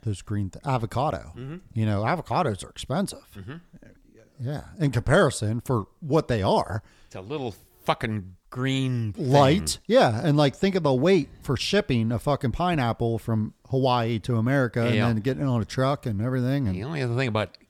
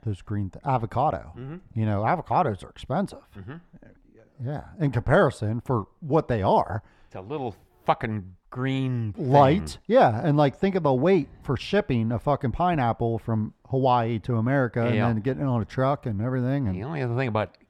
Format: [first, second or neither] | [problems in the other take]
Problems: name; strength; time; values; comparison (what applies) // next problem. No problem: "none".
first | muffled; slightly; fading above 3.5 kHz